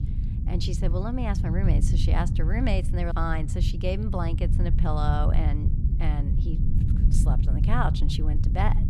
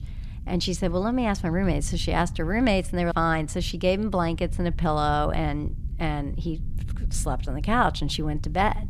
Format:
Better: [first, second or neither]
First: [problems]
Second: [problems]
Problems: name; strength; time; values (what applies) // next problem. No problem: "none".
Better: second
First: low rumble; loud; throughout; 7 dB below the speech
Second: low rumble; faint; throughout; 25 dB below the speech